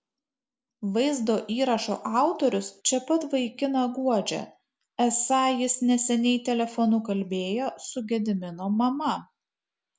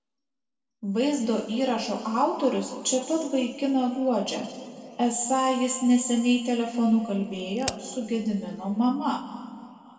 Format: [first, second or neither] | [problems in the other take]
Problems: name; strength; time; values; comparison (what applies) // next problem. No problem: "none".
first | background sound (Crack); 16 dB below the speech // room echo; dies away in 2 s